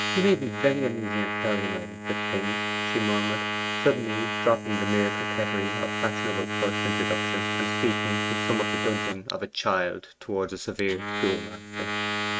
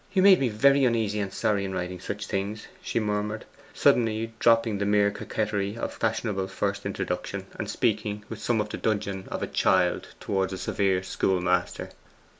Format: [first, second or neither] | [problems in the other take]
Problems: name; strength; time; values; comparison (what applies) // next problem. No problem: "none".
second | noise reduction (neural mask model RNNoise)